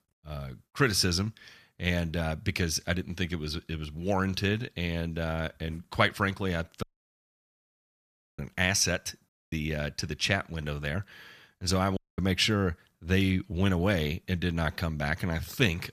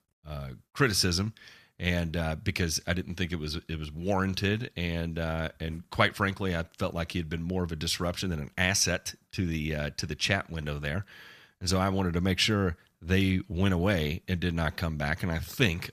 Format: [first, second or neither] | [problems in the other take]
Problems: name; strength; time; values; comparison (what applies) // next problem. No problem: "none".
second | audio cutting out; at 7 s for 1.5 s, at 9.5 s and at 12 s